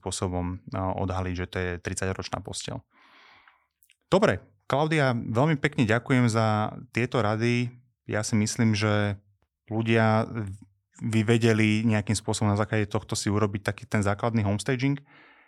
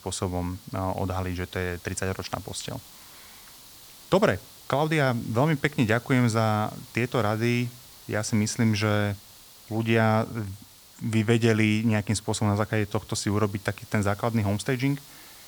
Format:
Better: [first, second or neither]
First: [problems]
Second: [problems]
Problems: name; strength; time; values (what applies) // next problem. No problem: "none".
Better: first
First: none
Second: hiss; faint; throughout; 20 dB below the speech